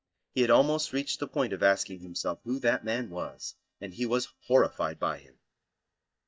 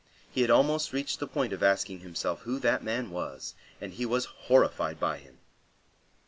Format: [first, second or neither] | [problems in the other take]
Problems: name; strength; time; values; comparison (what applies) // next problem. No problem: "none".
second | noise reduction (neural mask model DeepFilterNet 3)